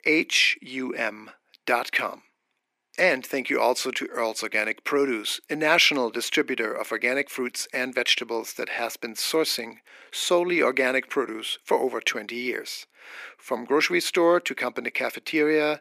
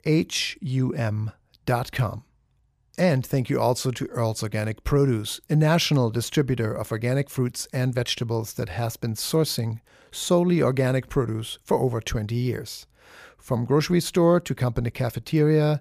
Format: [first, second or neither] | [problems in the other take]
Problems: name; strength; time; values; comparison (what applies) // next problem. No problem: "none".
second | thin; somewhat; fading below 250 Hz